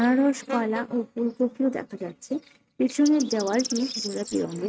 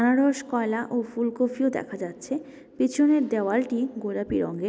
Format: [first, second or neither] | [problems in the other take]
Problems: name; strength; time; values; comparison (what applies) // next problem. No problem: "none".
second | noise reduction (neural mask model RNNoise)